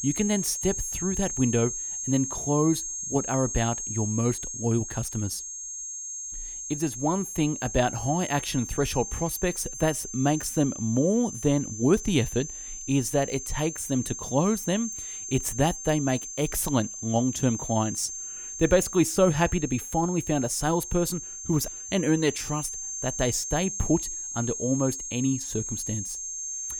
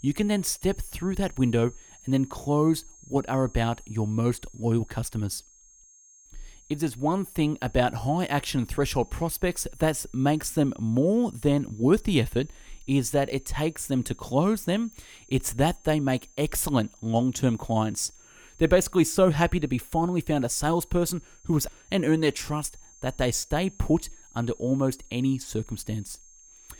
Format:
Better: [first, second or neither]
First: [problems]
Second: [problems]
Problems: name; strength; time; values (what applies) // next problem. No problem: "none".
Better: second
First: high-pitched whine; loud; throughout; 6.5 kHz, 6 dB below the speech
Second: high-pitched whine; faint; throughout; 6.5 kHz, 25 dB below the speech